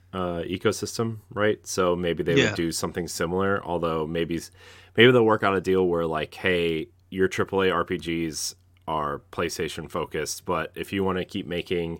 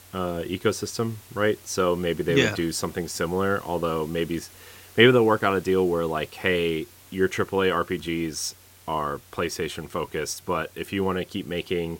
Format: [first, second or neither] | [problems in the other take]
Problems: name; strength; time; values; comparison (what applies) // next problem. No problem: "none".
first | hiss; faint; throughout; 25 dB below the speech